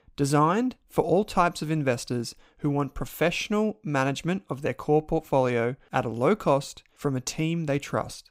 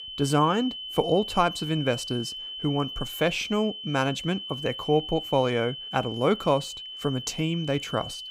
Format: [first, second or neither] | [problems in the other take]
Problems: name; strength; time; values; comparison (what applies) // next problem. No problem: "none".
first | high-pitched whine; loud; throughout; 3 kHz, 8 dB below the speech